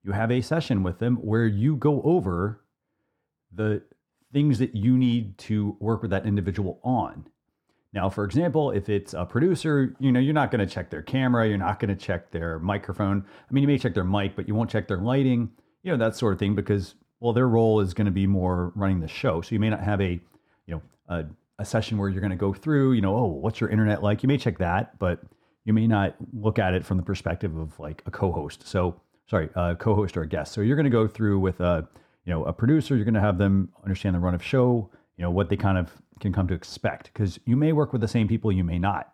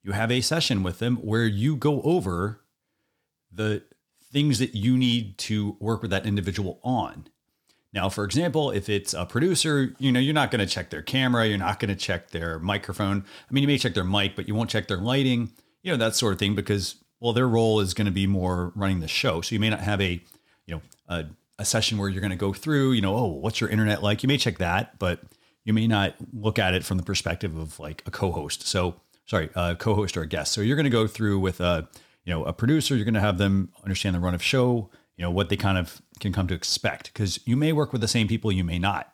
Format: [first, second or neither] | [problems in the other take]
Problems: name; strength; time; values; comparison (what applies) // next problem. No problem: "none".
second | muffled; very; fading above 2.5 kHz